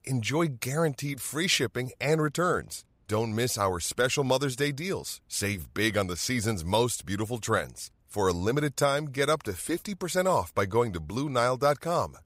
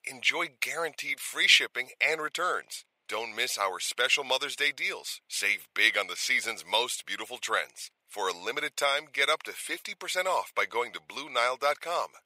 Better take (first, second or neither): first